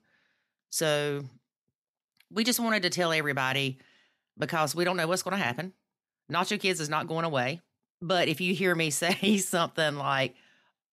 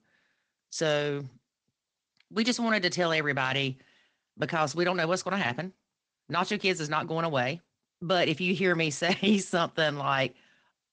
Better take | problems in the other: first | garbled, watery; slightly; nothing above 8 kHz

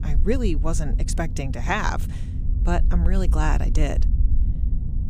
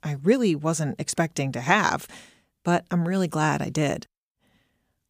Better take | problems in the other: second | low rumble; noticeable; throughout; 15 dB below the speech

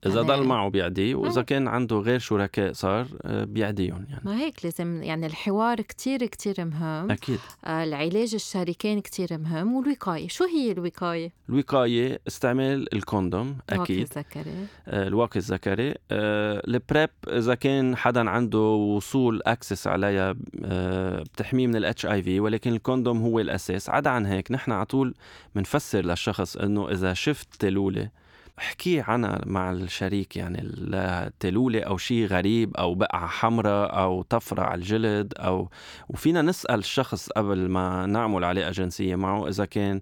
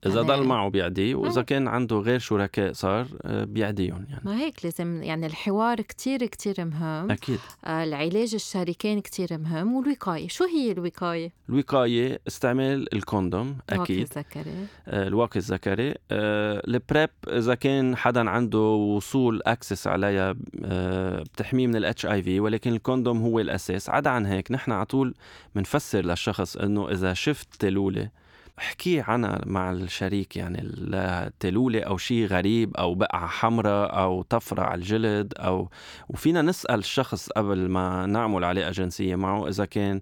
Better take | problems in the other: neither | none

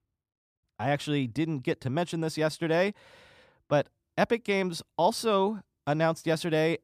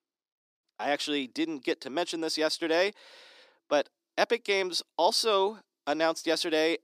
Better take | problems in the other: first | thin; somewhat; fading below 300 Hz

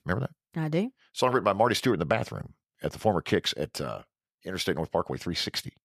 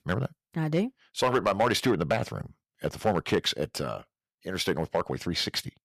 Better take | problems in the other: first | distortion; slight; 1.7% of the sound clipped

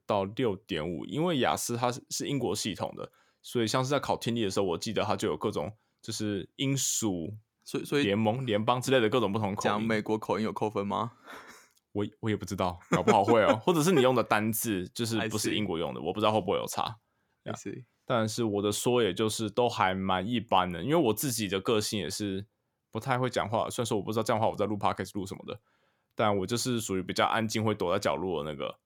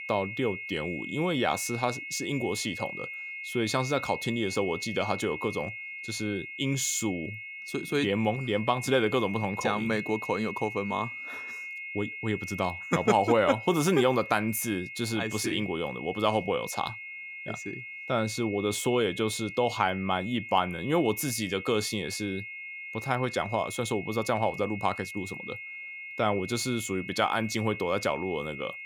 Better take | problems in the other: first | high-pitched whine; loud; throughout; 2 kHz, 9 dB below the speech

